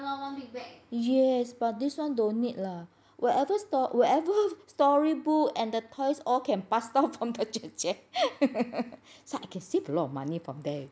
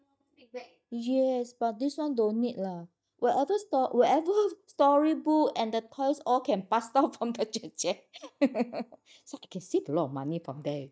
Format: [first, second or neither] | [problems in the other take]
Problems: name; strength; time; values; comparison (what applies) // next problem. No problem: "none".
first | noise reduction (neural mask model DeepFilterNet 3)